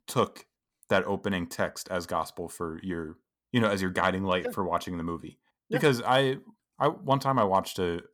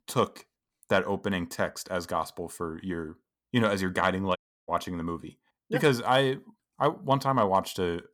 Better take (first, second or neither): first